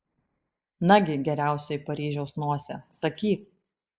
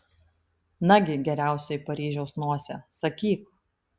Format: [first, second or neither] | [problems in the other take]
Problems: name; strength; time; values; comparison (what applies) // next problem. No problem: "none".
second | noise reduction (neural mask model Resemble Enhance denoiser)